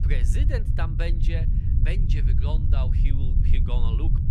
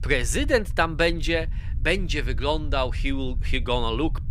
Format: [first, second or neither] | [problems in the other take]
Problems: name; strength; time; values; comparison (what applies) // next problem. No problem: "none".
second | low rumble; loud; throughout; 3 dB below the speech; faint in the second